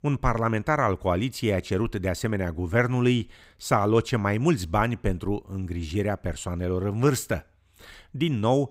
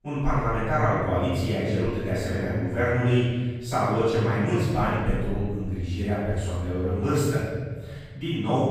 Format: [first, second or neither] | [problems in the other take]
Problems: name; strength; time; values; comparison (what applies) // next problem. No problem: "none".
first | off-mic speech; far // room echo; strong; dies away in 1.5 s